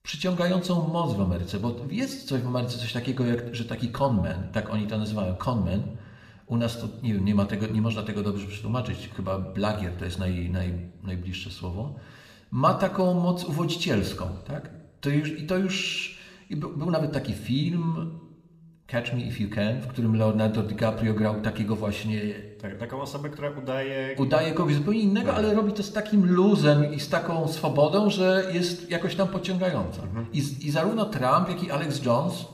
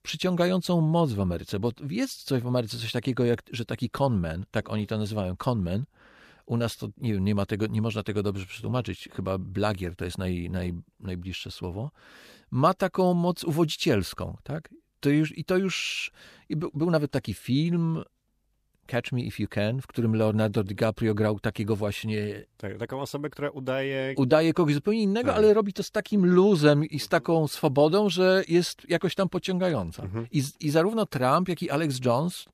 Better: second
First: room echo; slight; dies away in 1 s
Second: none

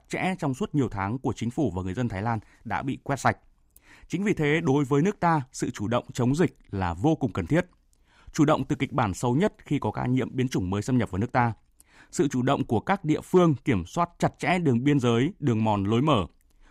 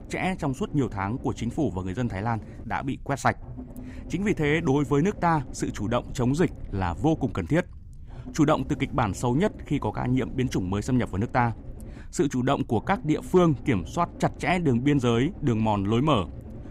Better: first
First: none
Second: low rumble; faint; throughout; 20 dB below the speech

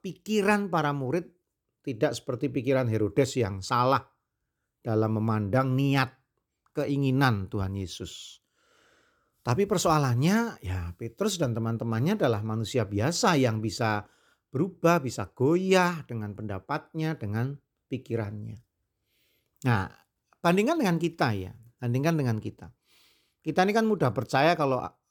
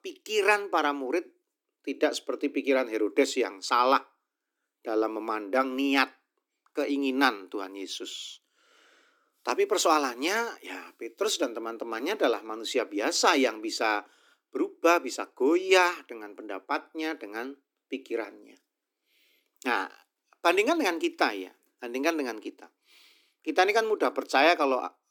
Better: first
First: none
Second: thin; somewhat; fading below 250 Hz

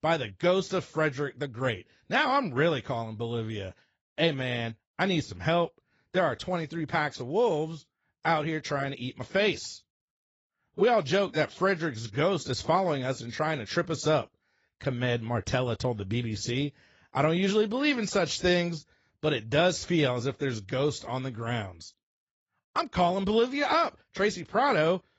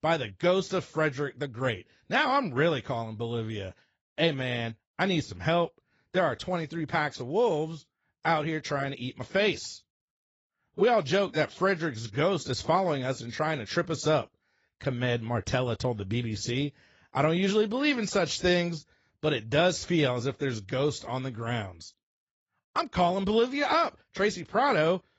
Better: neither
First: garbled, watery; badly; nothing above 7.5 kHz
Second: garbled, watery; badly; nothing above 7.5 kHz

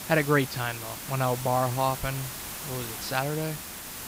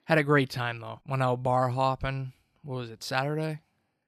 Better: second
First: hiss; loud; throughout; 7 dB below the speech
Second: none

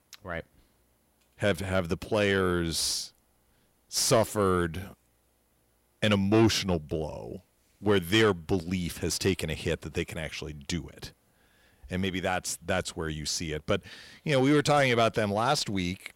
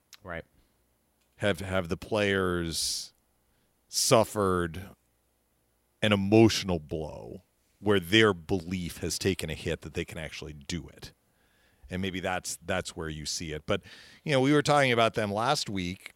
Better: second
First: distortion; slight; 10 dB below the speech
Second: none

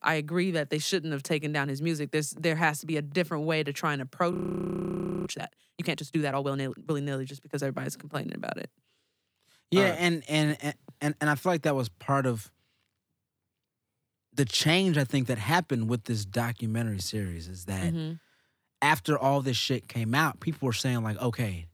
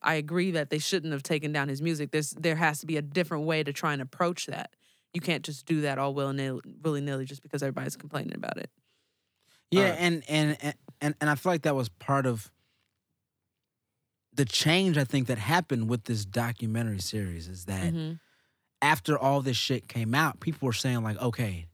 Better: second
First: audio freezing; at 4.5 s for 1 s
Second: none

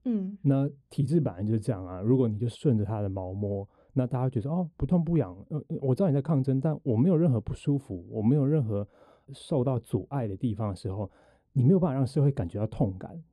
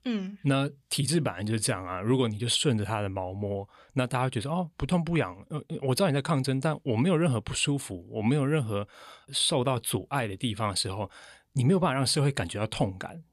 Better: second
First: muffled; very; fading above 1 kHz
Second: none

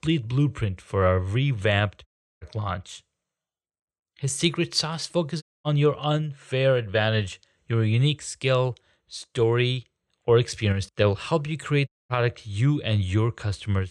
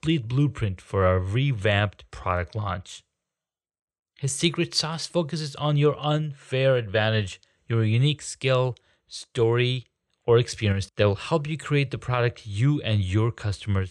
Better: second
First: audio cutting out; at 2 s, at 5.5 s and at 12 s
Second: none

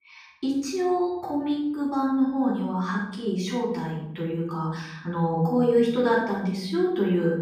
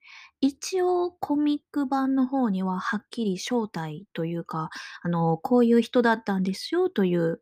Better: second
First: off-mic speech; far // room echo; noticeable; dies away in 1 s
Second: none

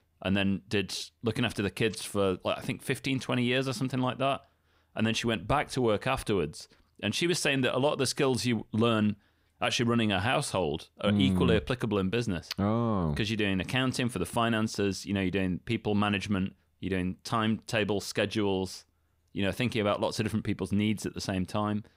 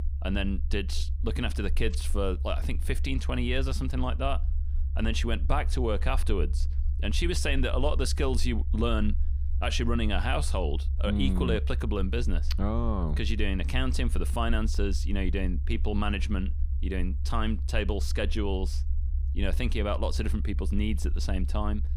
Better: first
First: none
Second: low rumble; noticeable; throughout; 15 dB below the speech

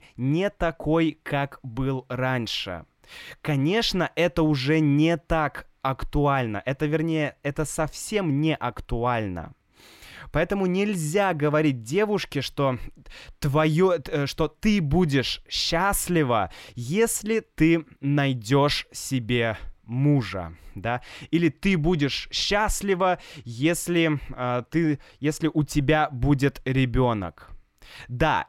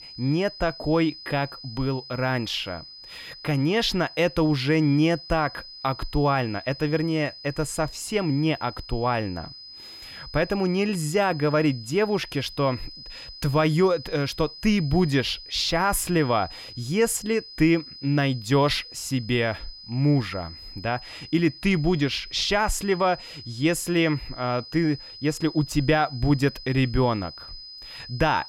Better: first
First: none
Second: high-pitched whine; noticeable; throughout; 5 kHz, 15 dB below the speech

